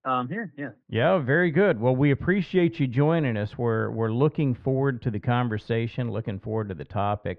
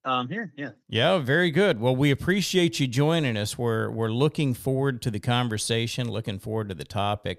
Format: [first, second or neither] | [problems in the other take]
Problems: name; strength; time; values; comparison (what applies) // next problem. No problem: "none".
second | muffled; very; fading above 2 kHz